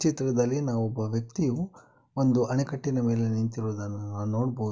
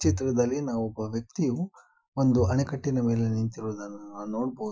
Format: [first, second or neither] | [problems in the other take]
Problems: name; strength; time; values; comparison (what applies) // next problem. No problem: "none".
first | noise reduction (classical method Wiener filter)